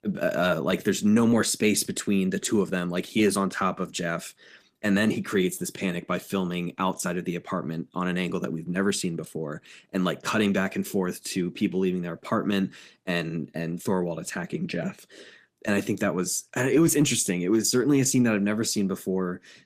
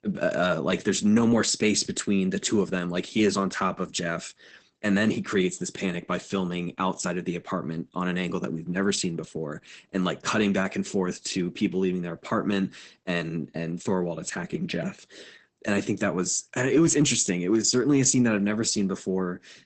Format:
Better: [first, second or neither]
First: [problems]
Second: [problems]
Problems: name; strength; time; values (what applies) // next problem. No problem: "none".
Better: first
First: garbled, watery; slightly; nothing above 14.5 kHz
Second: garbled, watery; badly; nothing above 8 kHz